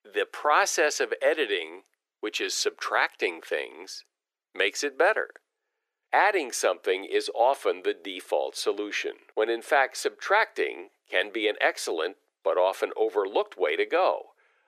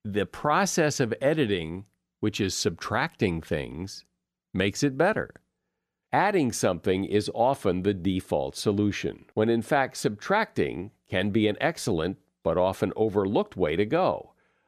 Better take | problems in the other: second | thin; very; fading below 400 Hz

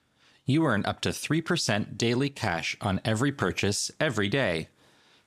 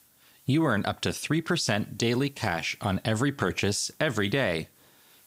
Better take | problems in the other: first | hiss; faint; throughout; 30 dB below the speech

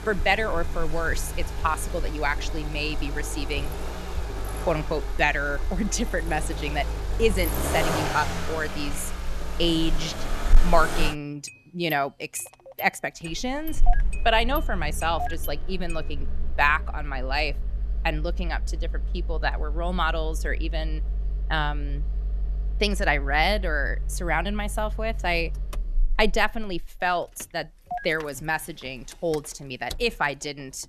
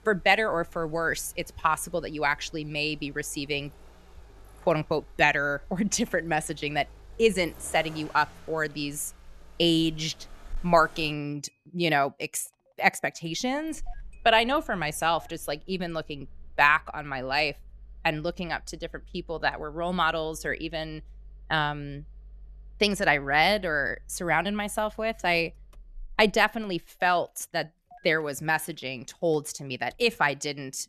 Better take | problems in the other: second | traffic noise; loud; throughout; 4 dB below the speech; faint in the second

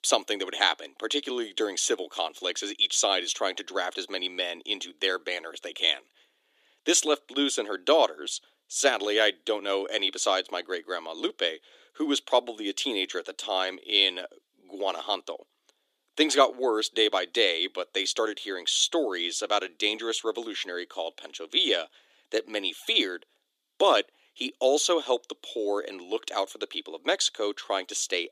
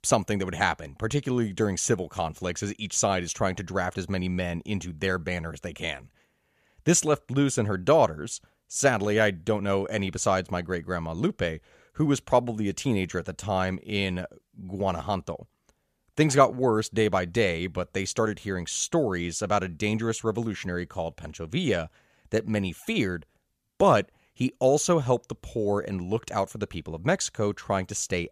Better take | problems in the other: second | thin; somewhat; fading below 300 Hz

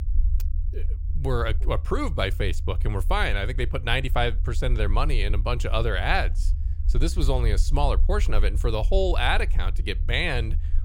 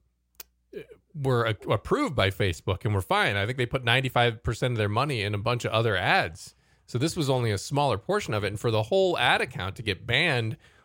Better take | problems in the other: second | low rumble; faint; throughout; 20 dB below the speech

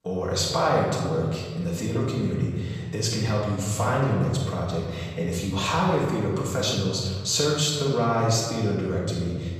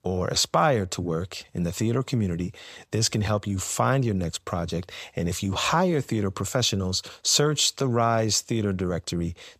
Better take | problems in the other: second | off-mic speech; far // room echo; noticeable; dies away in 1.8 s

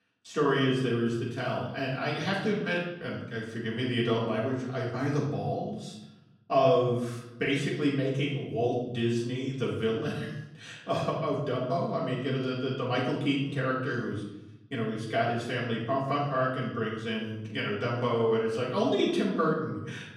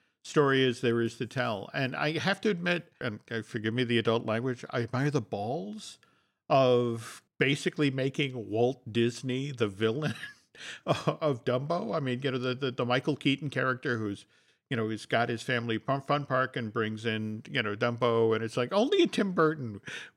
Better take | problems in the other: second | off-mic speech; far // room echo; noticeable; dies away in 0.9 s

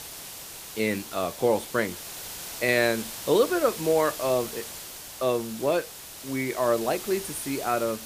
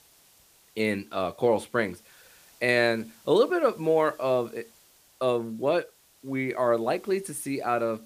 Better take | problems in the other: second | hiss; loud; throughout; 10 dB below the speech; faint in the second

